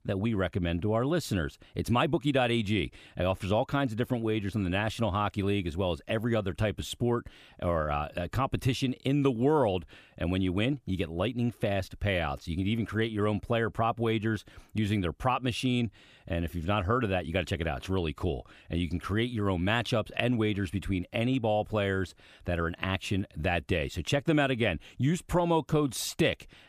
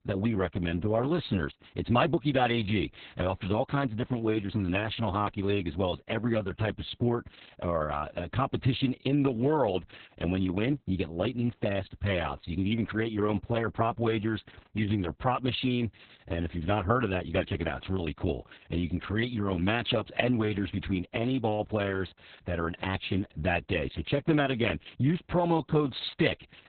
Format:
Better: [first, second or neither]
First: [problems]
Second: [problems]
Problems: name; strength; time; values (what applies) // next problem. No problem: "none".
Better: first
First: none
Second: garbled, watery; badly; nothing above 4 kHz